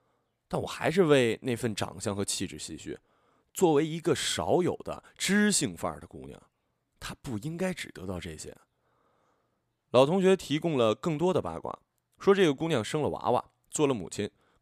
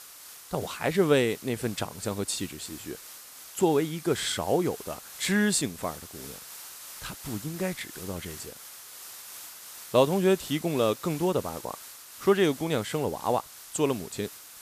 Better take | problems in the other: first | hiss; noticeable; throughout; 15 dB below the speech

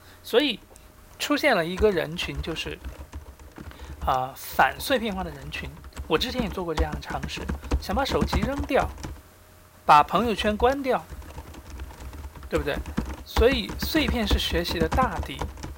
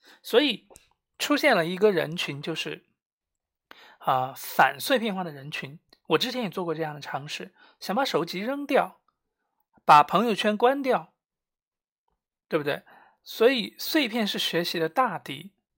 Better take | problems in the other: second | household noises; loud; throughout; 9 dB below the speech

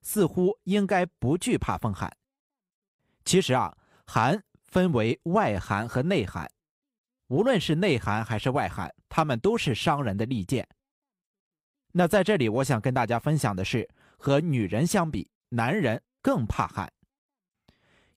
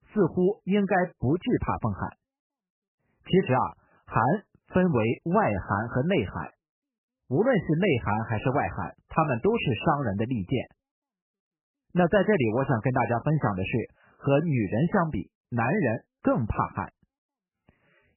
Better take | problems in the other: first | garbled, watery; badly; nothing above 3 kHz

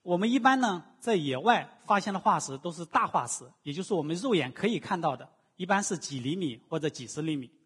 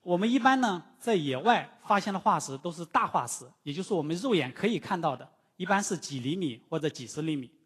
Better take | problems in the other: second | garbled, watery; badly; nothing above 10 kHz; slightly in the second

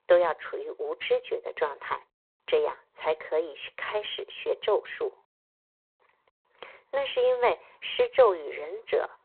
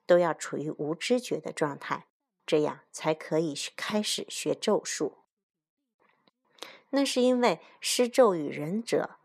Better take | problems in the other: second | phone-call audio; poor line

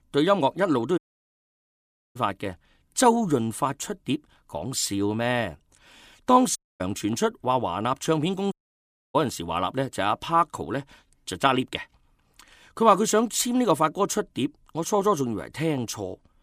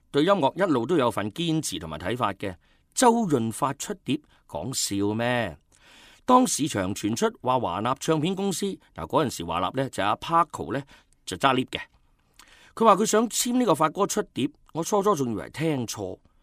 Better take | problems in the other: second | audio cutting out; at 1 s for 1 s, at 6.5 s and at 8.5 s for 0.5 s

